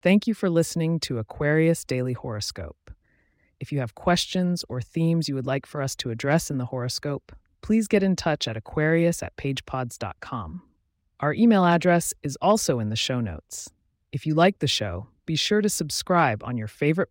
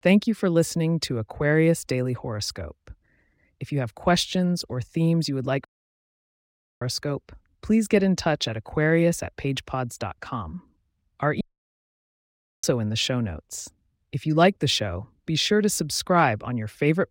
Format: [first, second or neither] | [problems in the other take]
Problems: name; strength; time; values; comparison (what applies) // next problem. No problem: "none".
first | audio cutting out; at 5.5 s for 1 s and at 11 s for 1 s